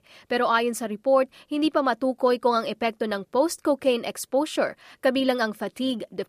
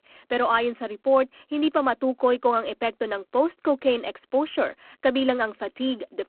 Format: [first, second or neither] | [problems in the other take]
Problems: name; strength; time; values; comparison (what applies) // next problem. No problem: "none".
first | phone-call audio; poor line